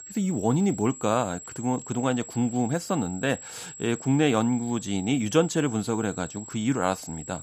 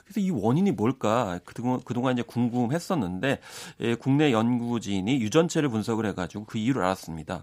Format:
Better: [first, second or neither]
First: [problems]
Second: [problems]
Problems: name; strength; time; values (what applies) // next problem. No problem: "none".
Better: second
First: high-pitched whine; noticeable; throughout; 7.5 kHz, 15 dB below the speech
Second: none